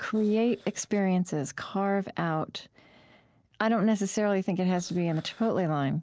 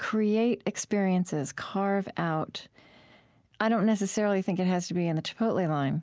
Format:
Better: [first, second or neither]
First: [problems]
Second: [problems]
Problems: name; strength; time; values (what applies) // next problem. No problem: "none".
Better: second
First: noise reduction (neural separator model SepFormer DNS4)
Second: none